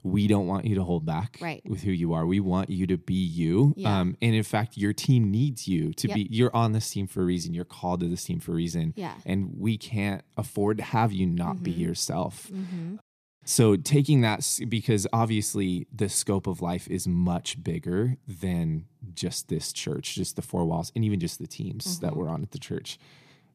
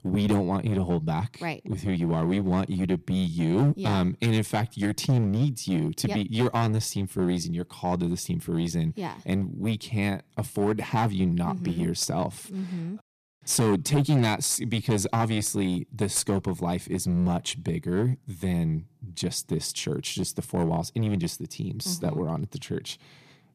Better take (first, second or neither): first